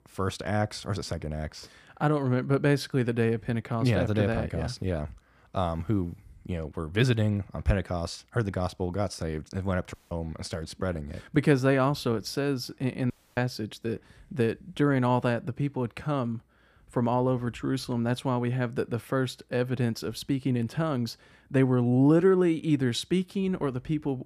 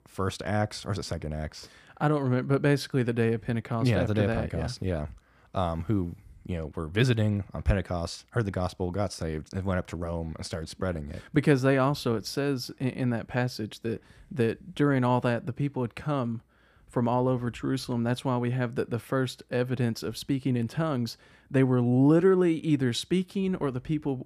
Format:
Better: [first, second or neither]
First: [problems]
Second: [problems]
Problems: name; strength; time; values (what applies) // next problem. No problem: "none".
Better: second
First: audio cutting out; at 10 s and at 13 s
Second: none